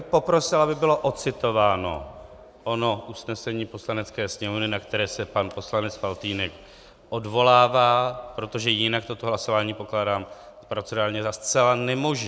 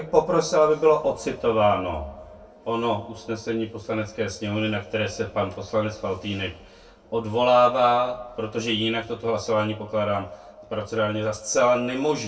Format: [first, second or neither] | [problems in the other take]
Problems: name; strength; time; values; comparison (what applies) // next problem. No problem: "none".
first | room echo; dies away in 0.2 s